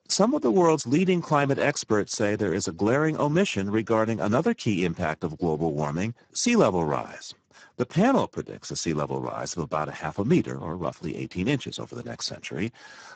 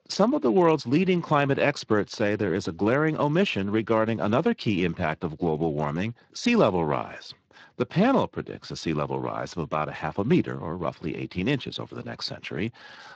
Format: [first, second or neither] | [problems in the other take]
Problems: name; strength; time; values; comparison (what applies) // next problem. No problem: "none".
second | garbled, watery; badly; nothing above 8 kHz; slightly in the second